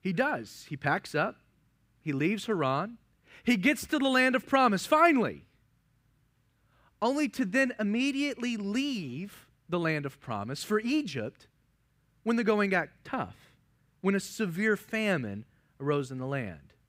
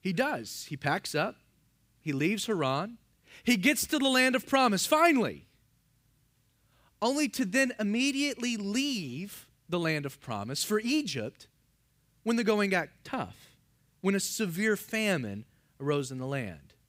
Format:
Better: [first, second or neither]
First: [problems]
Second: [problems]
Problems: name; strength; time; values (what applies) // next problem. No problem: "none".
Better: second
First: muffled; slightly; fading above 3.5 kHz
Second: none